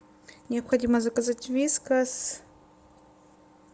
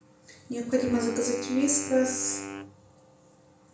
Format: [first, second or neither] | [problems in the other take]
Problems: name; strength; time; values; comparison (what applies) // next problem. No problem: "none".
first | background sound (Wind instrument, woodwind instrument); 11 dB below the speech // room echo; dies away in 0.5 s